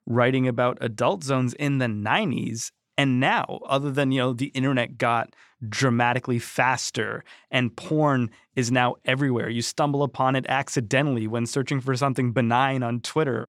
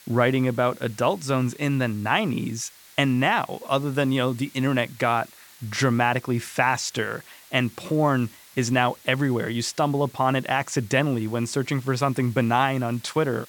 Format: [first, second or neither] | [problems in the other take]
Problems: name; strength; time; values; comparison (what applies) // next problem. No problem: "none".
first | hiss; faint; throughout; 25 dB below the speech